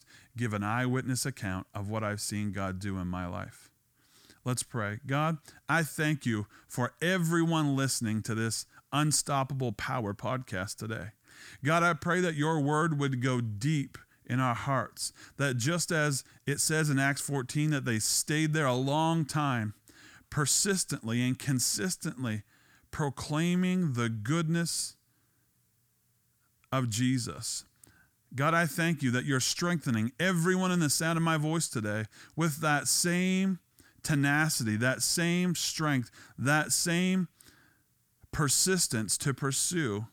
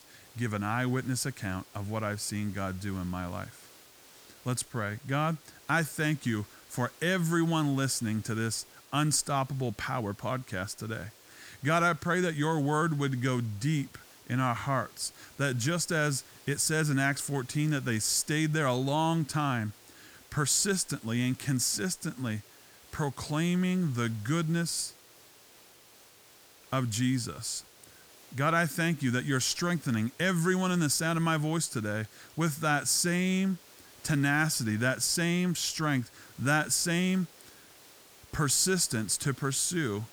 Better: first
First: none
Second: hiss; faint; throughout; 25 dB below the speech

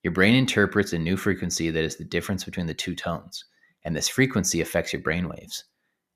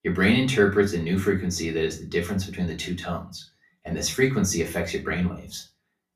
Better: first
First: none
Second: off-mic speech; far // room echo; very slight; dies away in 0.3 s

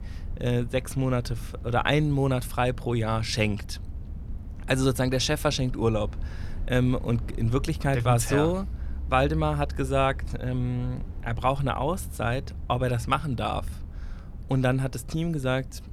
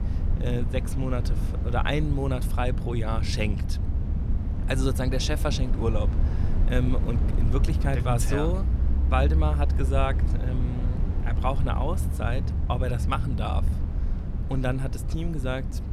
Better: first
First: low rumble; faint; throughout; 25 dB below the speech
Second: low rumble; loud; throughout; 9 dB below the speech

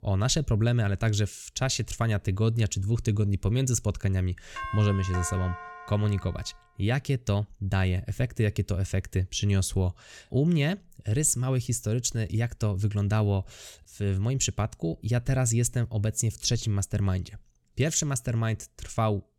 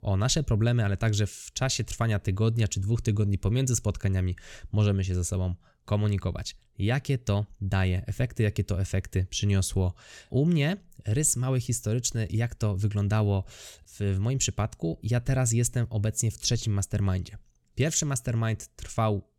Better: second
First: doorbell; noticeable; from 4.5 to 6.5 s; peak 8 dB below the speech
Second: none

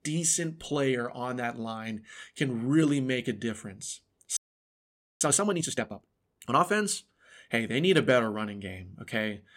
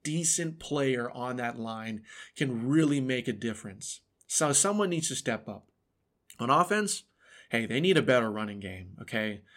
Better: second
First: audio freezing; at 4.5 s for 1 s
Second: none

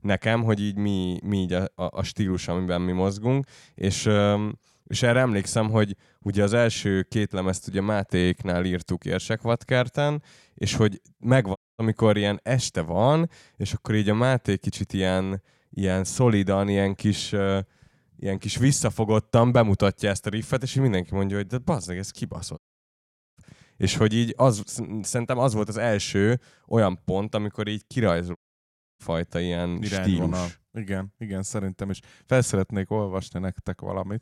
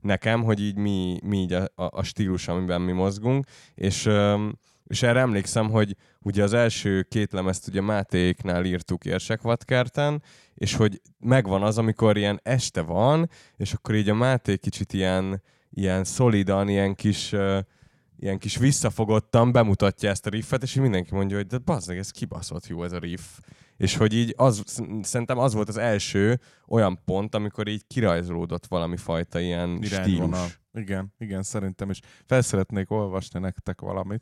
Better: second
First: audio cutting out; at 12 s, at 23 s for 1 s and at 28 s for 0.5 s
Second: none

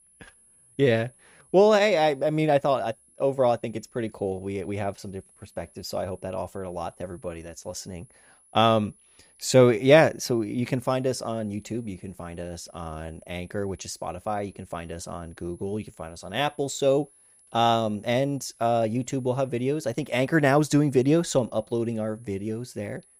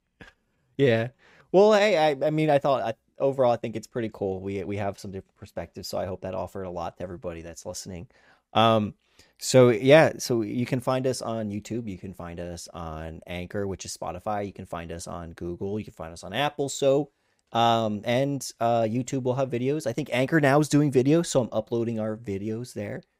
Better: second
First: high-pitched whine; faint; throughout; 10.5 kHz, 30 dB below the speech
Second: none

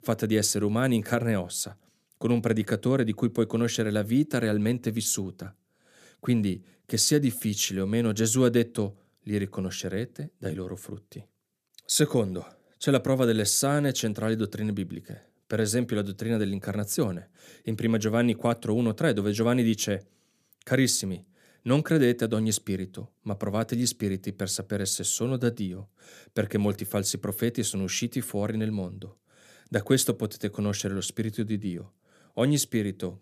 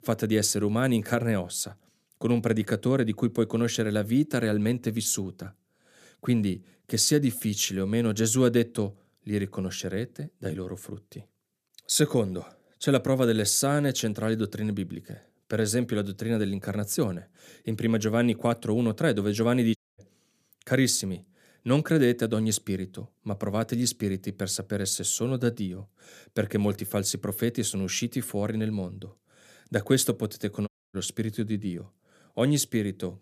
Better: first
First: none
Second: audio cutting out; at 20 s and at 31 s

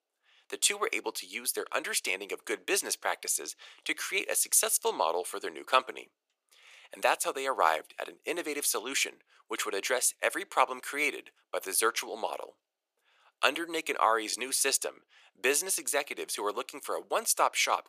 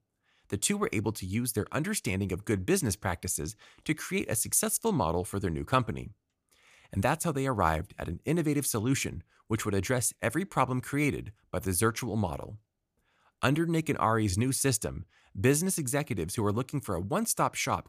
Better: second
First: thin; very; fading below 450 Hz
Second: none

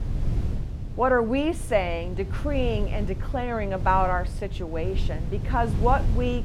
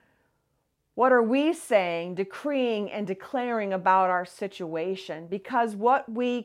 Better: second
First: wind noise on the microphone; occasional gusts; 15 dB below the speech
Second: none

